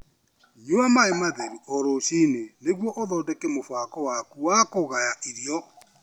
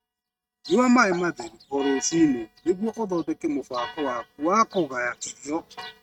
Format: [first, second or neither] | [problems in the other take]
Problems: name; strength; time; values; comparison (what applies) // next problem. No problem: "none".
first | noise reduction (neural mask model RNNoise)